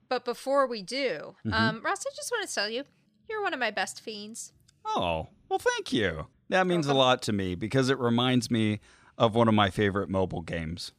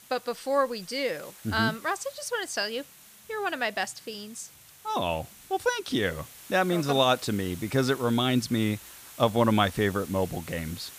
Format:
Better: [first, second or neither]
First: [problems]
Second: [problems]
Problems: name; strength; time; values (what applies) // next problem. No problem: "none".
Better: first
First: none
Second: hiss; noticeable; throughout; 20 dB below the speech